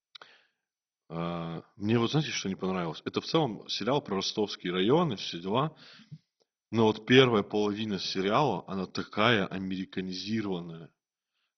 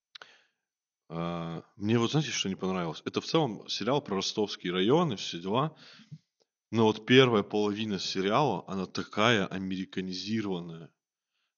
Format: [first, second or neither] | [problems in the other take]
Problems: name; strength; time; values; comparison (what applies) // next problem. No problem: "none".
second | garbled, watery; badly; nothing above 6 kHz; slightly in the second